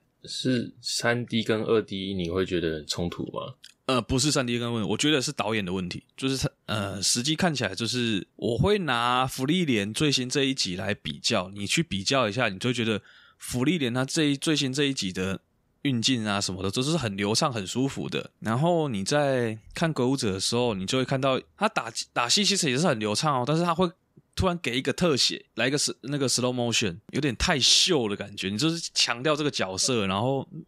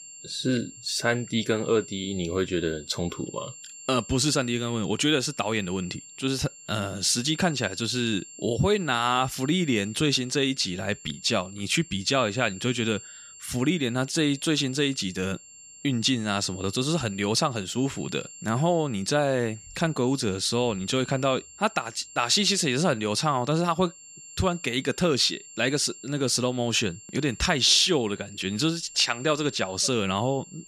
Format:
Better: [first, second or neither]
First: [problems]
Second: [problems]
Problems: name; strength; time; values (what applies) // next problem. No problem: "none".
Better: first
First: none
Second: high-pitched whine; noticeable; throughout; 7.5 kHz, 20 dB below the speech